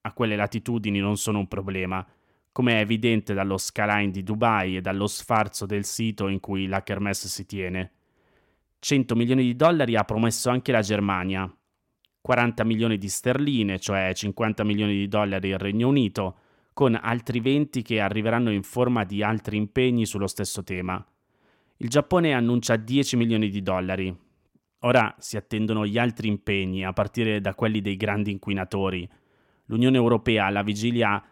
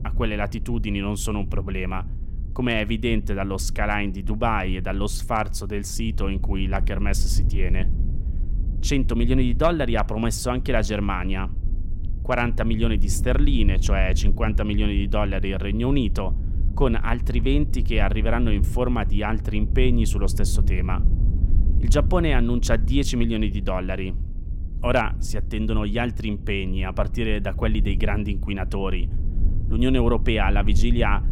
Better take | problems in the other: first | low rumble; noticeable; throughout; 15 dB below the speech

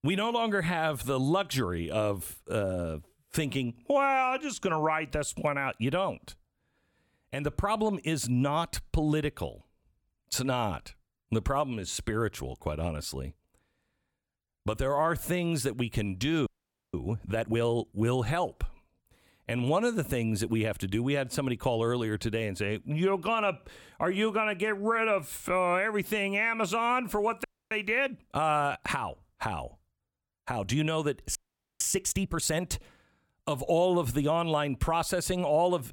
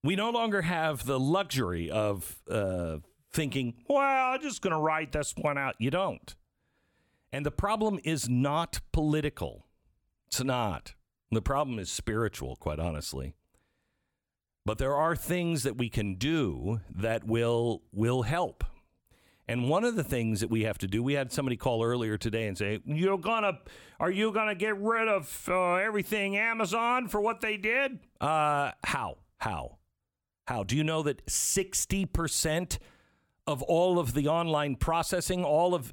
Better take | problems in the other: second | audio freezing; at 16 s, at 27 s and at 31 s

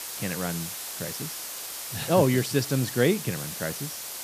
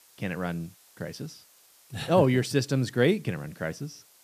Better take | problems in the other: second | hiss; loud; throughout; 7 dB below the speech; faint in the second

